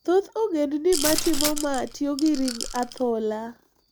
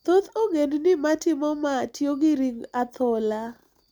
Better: second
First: background sound (Rattle / Rattle (instrument) + Glass); 4 dB below the speech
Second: none

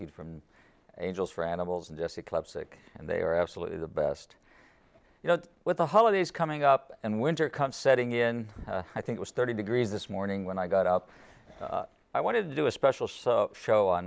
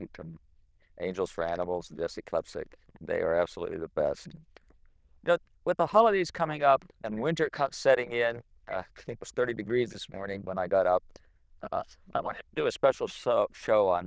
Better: first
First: none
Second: noise reduction (neural diffusion model UNIVERSE++)

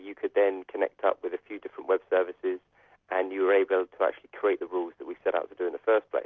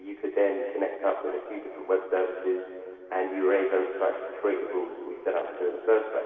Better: first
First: none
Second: room echo; dies away in 2.4 s

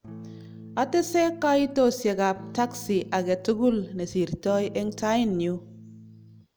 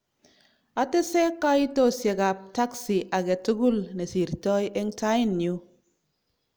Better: second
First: background sound (Electric guitar / Strum); 18 dB below the speech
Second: none

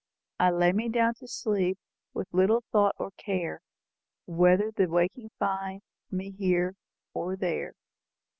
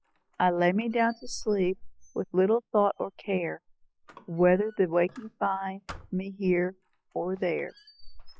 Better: first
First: none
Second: noise reduction (classical method log-MMSE)

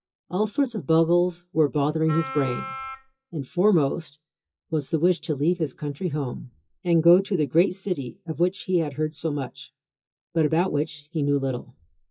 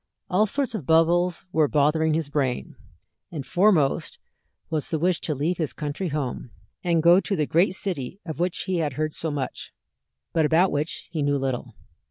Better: second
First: noise reduction (classical method WPE with log-MMSE)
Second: none

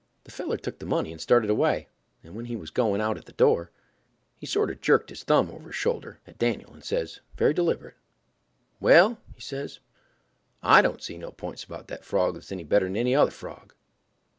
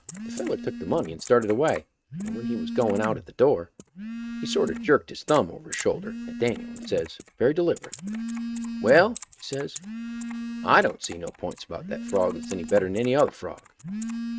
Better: first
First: none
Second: noise reduction (neural mask model RNNoise)

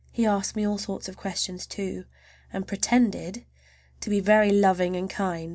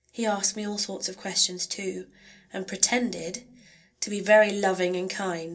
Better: first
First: none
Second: room echo; dies away in 0.2 s

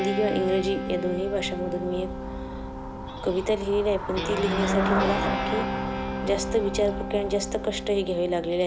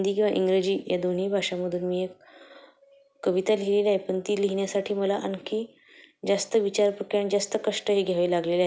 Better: second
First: background sound (Traffic noise, roadway noise / Bicycle + Guitar); 3 dB below the speech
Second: none

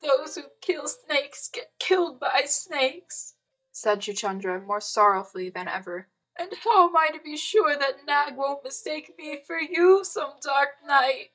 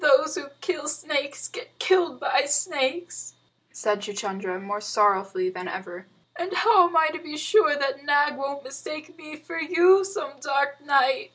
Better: second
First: noise reduction (neural mask model DeepFilterNet 3)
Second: none

